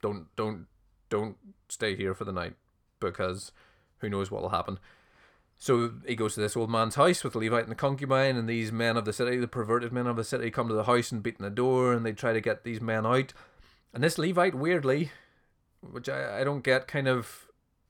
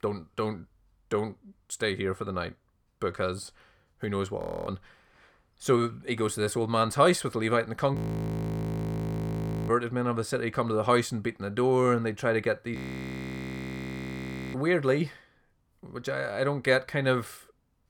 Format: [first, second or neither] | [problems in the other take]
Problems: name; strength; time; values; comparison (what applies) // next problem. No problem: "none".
first | audio freezing; at 4.5 s, at 8 s for 1.5 s and at 13 s for 2 s